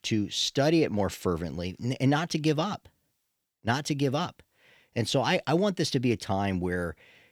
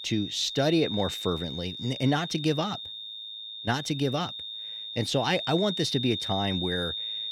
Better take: first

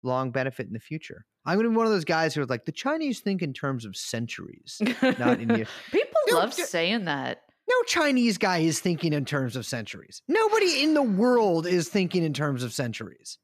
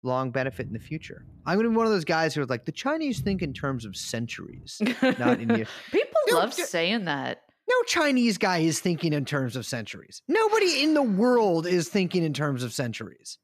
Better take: first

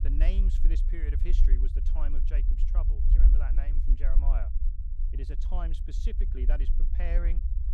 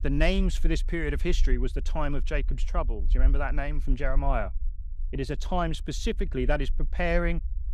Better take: second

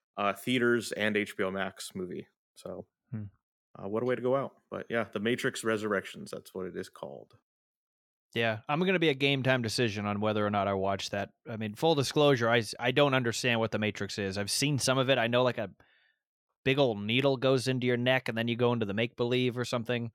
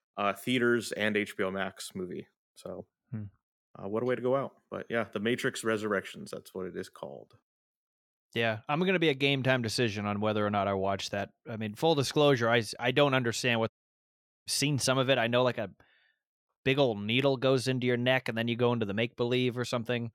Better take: first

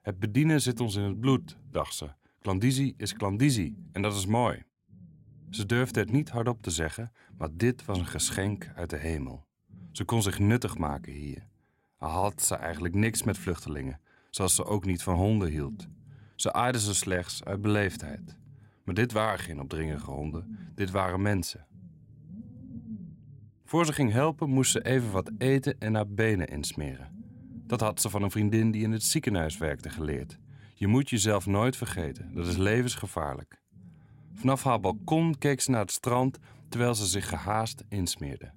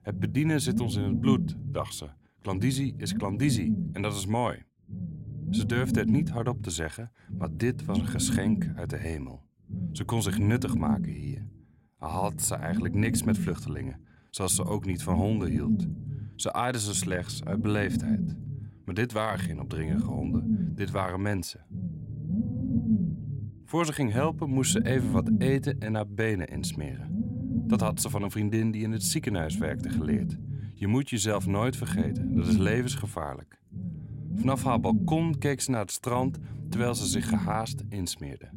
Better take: first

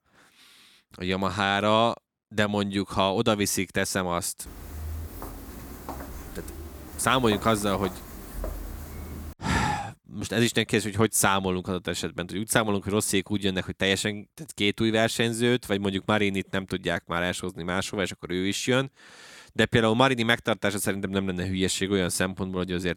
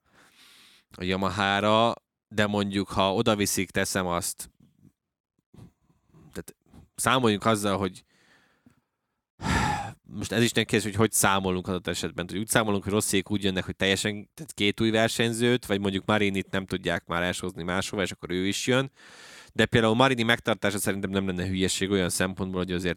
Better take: second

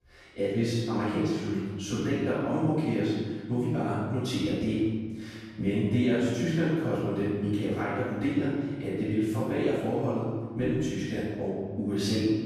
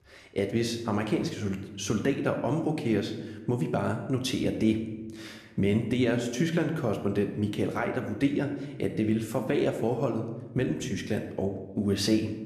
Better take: second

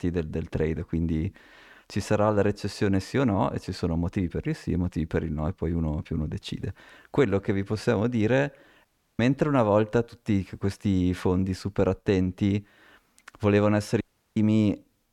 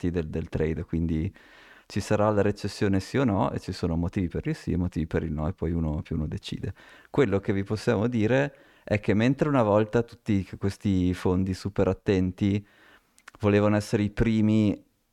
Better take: second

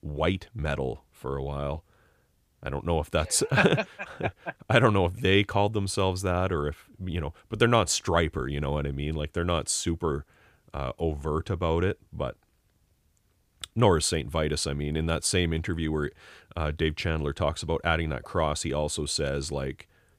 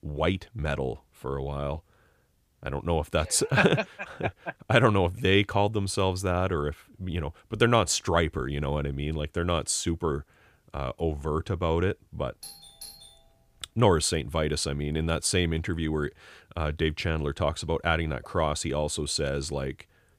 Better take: first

